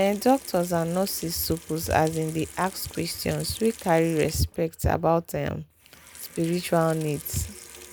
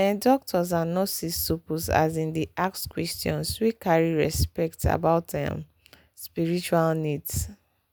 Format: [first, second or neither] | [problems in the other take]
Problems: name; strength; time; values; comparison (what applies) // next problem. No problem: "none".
second | background sound (Sink (filling or washing) / Water tap, faucet); 18 dB below the speech